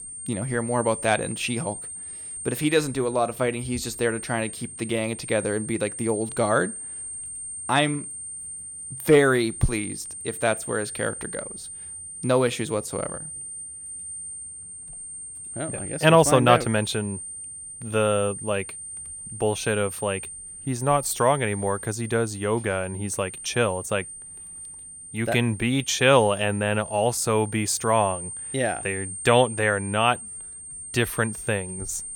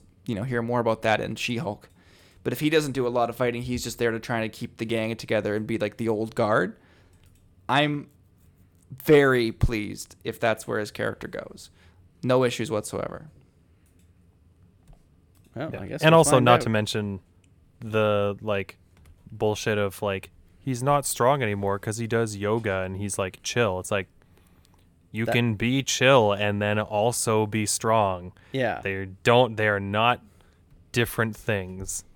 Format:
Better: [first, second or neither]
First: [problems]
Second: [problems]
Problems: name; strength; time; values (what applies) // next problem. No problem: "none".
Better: second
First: high-pitched whine; loud; throughout; 8.5 kHz, 10 dB below the speech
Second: none